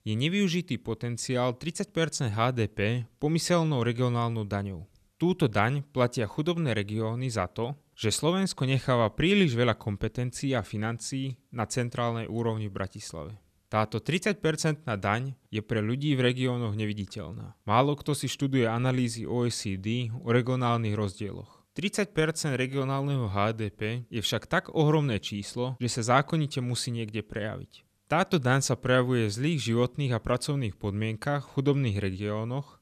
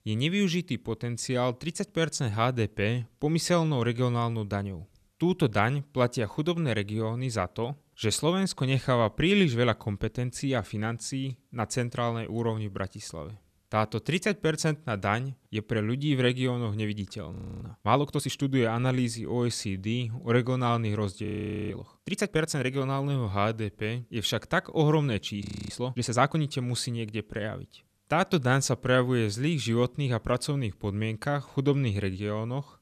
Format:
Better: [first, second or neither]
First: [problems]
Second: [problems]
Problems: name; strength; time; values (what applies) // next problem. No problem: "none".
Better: first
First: none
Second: audio freezing; at 17 s, at 21 s and at 25 s